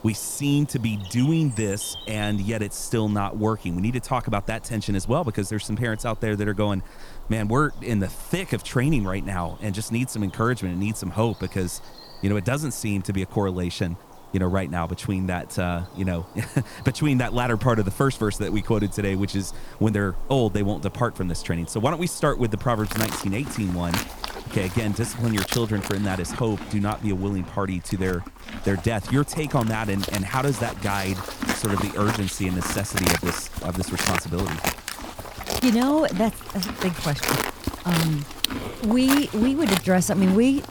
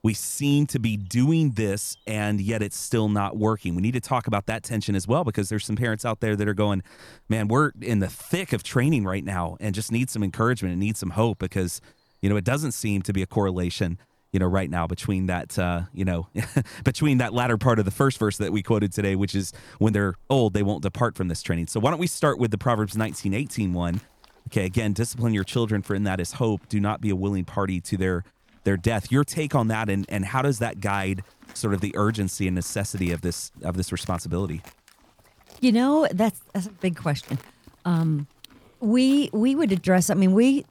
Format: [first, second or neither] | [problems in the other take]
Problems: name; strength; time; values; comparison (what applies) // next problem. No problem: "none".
second | animal sounds; loud; throughout; 6 dB below the speech; faint in the second